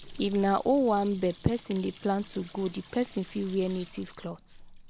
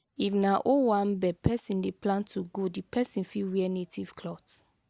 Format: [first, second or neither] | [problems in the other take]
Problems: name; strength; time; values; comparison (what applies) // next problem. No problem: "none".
second | background sound (Livestock, farm animals, working animals + Sink (filling or washing) / Water tap, faucet); 19 dB below the speech